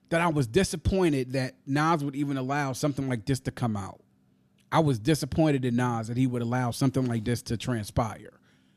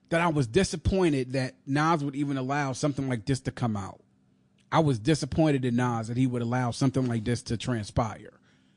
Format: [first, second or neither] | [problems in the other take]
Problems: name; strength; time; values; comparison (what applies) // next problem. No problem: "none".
first | garbled, watery; slightly; nothing above 10 kHz